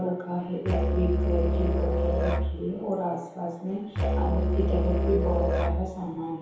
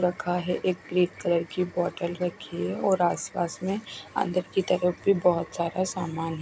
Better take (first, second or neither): second